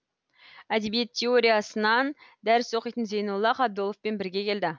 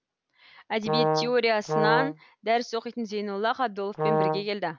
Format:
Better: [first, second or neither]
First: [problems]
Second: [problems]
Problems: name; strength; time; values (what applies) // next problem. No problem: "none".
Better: first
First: none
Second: background sound (Brass instrument); 2 dB above the speech